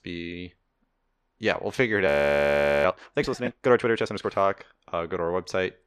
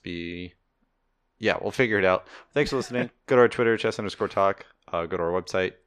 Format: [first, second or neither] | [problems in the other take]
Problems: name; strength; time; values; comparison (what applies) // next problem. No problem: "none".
second | audio freezing; at 2 s for 1 s